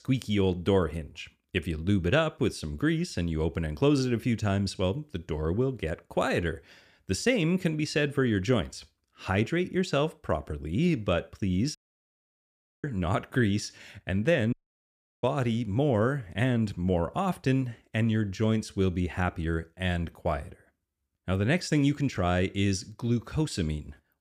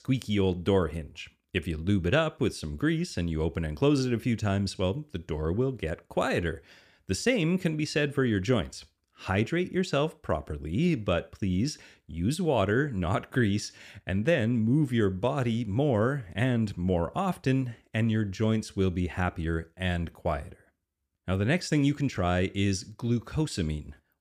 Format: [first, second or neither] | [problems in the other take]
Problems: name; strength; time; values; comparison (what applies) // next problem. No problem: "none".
second | audio cutting out; at 12 s for 1 s and at 15 s for 0.5 s